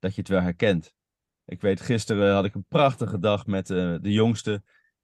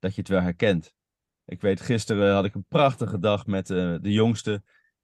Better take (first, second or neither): neither